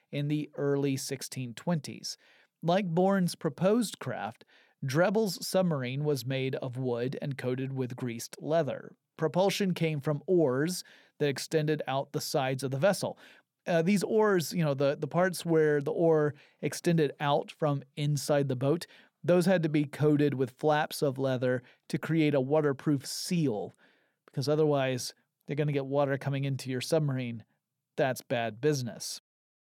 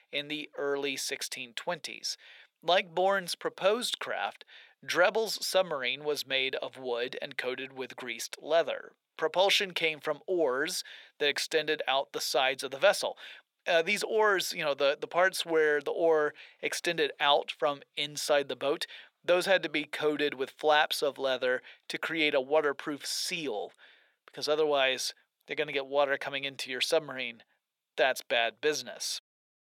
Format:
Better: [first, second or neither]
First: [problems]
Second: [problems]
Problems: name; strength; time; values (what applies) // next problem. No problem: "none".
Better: first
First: none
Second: thin; very; fading below 550 Hz